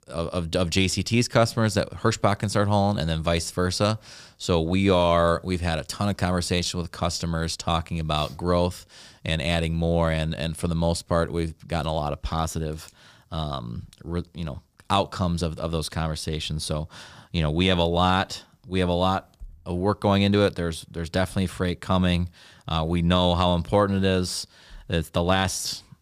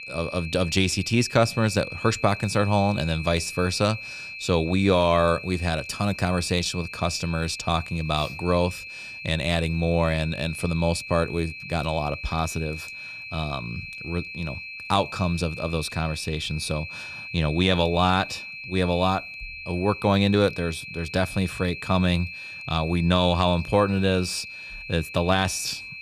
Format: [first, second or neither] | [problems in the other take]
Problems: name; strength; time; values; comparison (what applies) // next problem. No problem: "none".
first | high-pitched whine; noticeable; throughout; 2.5 kHz, 10 dB below the speech